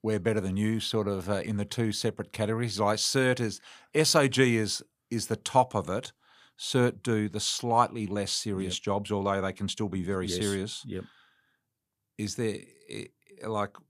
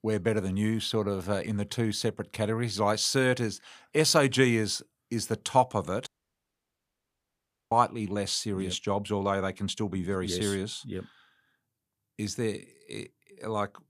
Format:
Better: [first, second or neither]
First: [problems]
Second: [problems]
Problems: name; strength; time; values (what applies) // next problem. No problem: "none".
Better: first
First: none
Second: audio cutting out; at 6 s for 1.5 s